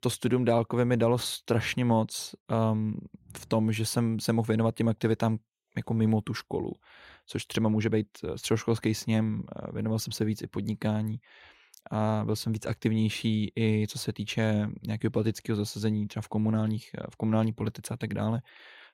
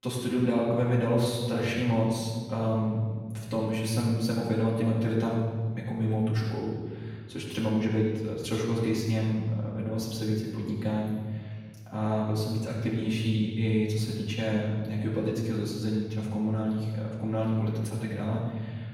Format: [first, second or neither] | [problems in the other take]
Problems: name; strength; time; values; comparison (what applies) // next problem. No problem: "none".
first | room echo; noticeable; dies away in 1.5 s // off-mic speech; far